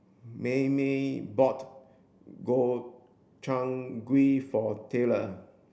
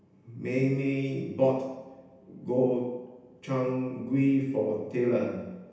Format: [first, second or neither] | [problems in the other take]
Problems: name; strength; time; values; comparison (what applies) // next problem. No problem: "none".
first | room echo; dies away in 0.9 s